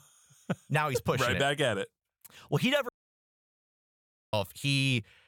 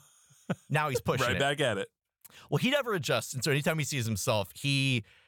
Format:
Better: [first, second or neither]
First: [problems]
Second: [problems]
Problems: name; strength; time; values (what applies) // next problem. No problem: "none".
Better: second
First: audio cutting out; at 3 s for 1.5 s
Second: none